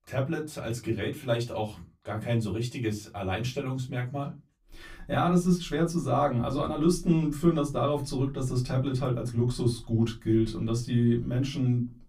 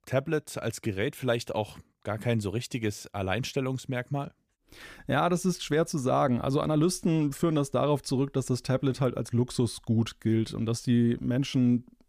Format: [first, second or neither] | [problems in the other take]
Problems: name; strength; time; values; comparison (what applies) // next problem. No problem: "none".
second | off-mic speech; far // room echo; very slight; dies away in 0.2 s